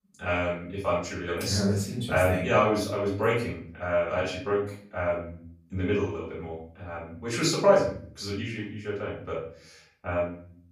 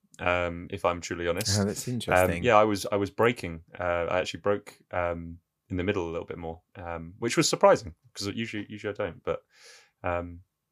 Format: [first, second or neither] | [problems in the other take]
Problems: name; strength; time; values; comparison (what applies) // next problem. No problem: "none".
second | off-mic speech; far // room echo; noticeable; dies away in 0.5 s